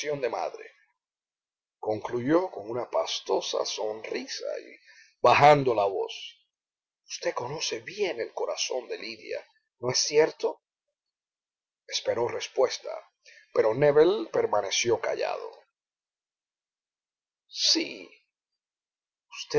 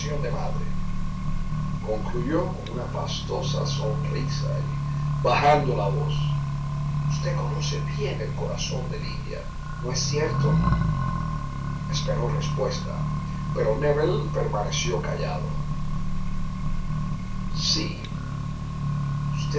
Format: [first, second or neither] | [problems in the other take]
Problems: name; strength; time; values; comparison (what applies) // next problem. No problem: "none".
first | background sound (Accelerating, revving, vroom); 4 dB above the speech // room echo; dies away in 0.3 s